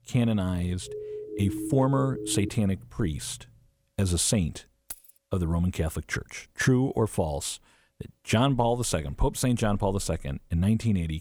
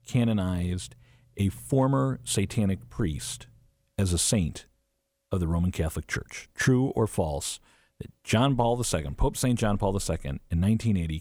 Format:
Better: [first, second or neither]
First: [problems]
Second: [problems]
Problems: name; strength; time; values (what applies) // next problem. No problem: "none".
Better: second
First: siren; noticeable; from 1 to 2.5 s; peak 7 dB below the speech // jangling keys; faint; at 5 s; peak 15 dB below the speech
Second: none